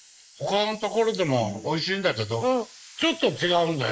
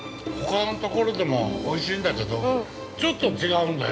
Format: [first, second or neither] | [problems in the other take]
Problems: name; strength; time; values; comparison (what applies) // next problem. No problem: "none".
second | noise reduction (neural mask model Resemble Enhance denoiser)